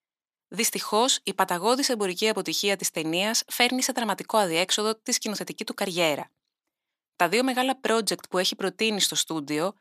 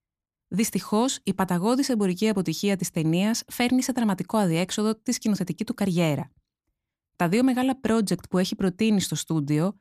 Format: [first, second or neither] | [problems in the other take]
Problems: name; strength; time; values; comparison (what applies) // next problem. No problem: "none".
second | thin; somewhat; fading below 450 Hz